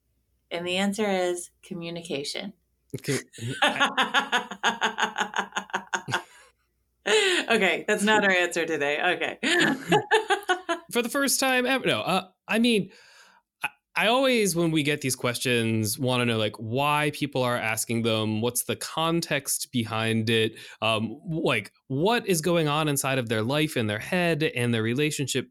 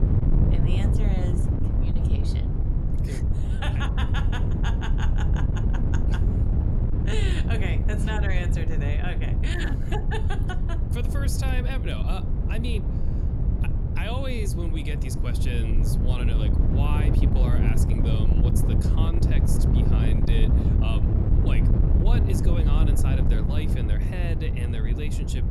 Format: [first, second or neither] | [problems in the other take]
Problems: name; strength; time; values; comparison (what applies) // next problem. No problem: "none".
first | wind noise on the microphone; heavy; 1 dB below the speech